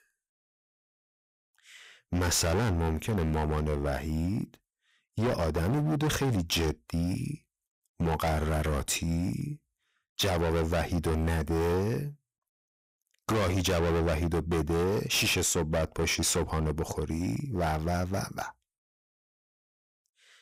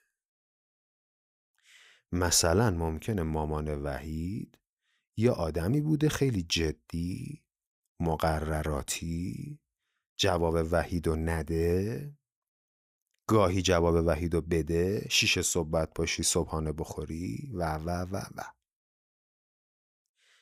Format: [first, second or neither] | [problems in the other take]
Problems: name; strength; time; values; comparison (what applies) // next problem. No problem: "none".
second | distortion; heavy; 18% of the sound clipped